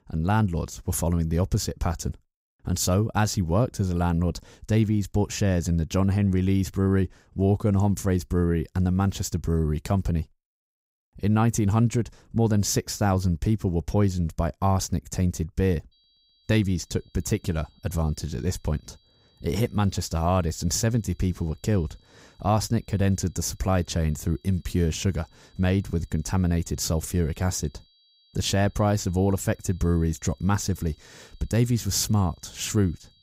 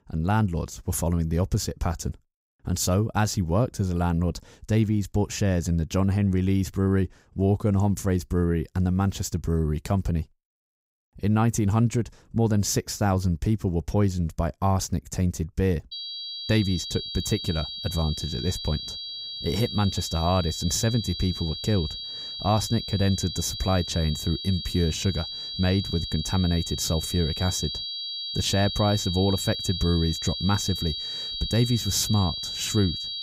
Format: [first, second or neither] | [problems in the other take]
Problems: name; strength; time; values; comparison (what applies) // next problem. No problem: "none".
first | high-pitched whine; loud; from 16 s on; 4 kHz, 5 dB below the speech; faint in the first